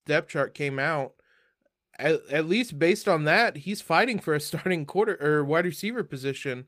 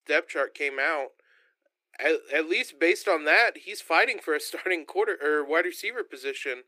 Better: first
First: none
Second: thin; very; fading below 300 Hz

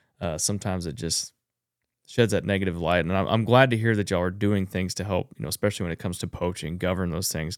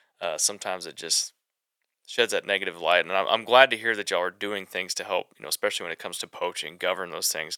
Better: first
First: none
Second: thin; very; fading below 650 Hz

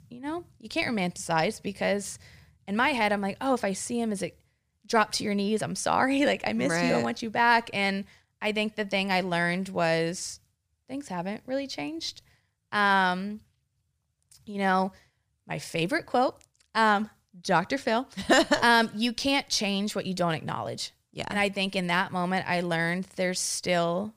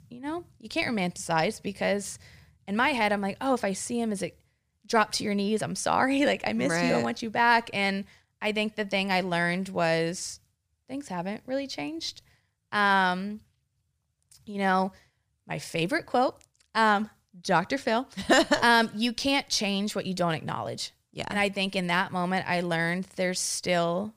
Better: neither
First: none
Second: none

